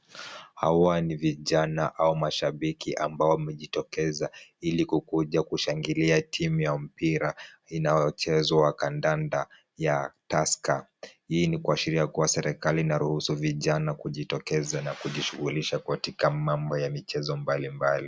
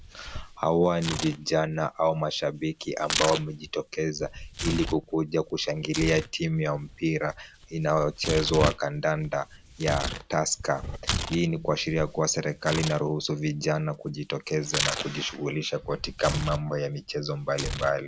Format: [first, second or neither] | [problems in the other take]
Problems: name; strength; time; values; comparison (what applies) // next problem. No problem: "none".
first | background sound (Tearing); 8 dB below the speech